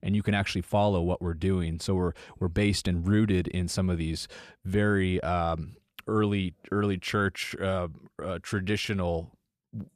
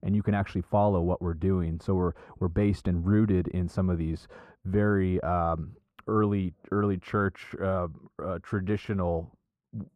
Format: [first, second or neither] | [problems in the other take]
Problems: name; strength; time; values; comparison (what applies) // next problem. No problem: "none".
first | muffled; very; fading above 2 kHz